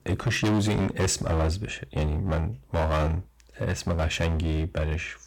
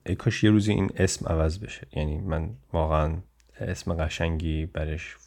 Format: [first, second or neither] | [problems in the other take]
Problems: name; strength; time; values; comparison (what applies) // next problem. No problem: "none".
second | distortion; heavy; 16% of the sound clipped